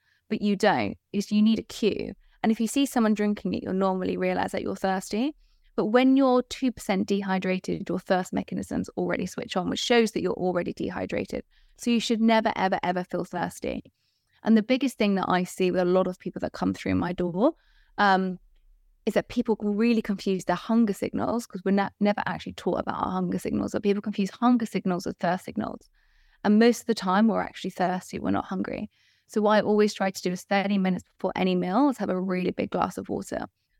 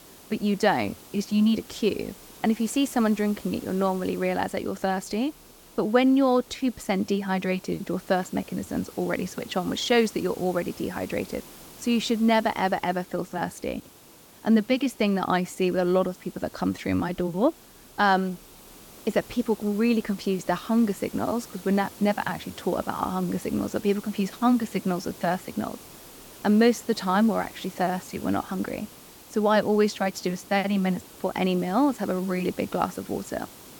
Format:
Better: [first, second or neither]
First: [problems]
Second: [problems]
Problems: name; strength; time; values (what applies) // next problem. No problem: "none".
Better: first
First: none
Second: hiss; noticeable; throughout; 20 dB below the speech